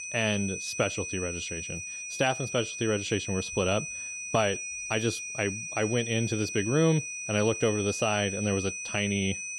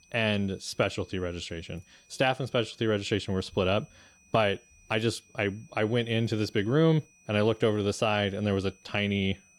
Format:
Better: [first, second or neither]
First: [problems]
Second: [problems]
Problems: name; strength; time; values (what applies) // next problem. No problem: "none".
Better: second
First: high-pitched whine; loud; throughout; 2.5 kHz, 5 dB below the speech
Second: high-pitched whine; faint; throughout; 2.5 kHz, 30 dB below the speech